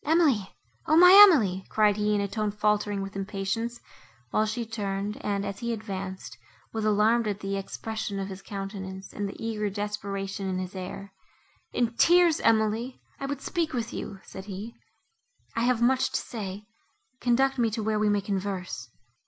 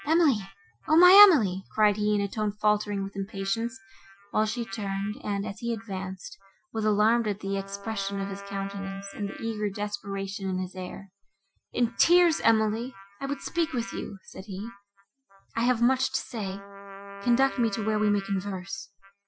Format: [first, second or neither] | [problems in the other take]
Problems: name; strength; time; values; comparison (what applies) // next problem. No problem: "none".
first | noise reduction (classical method Wiener filter)